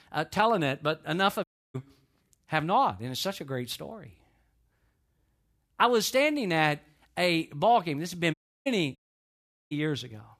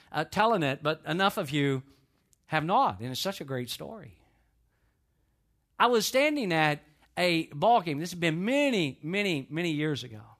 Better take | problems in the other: second | audio cutting out; at 1.5 s, at 8.5 s and at 9 s for 1 s

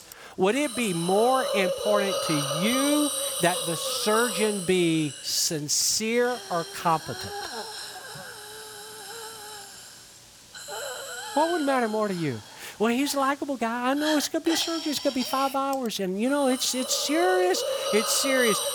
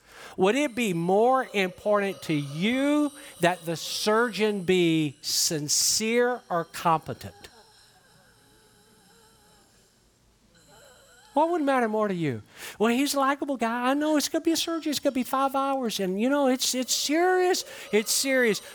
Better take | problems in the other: second | hiss; loud; throughout; 6 dB below the speech; faint in the second

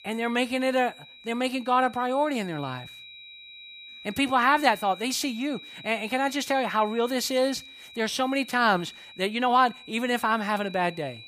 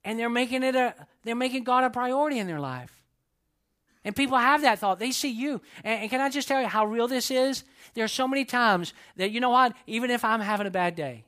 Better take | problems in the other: second | high-pitched whine; noticeable; throughout; 4 kHz, 20 dB below the speech

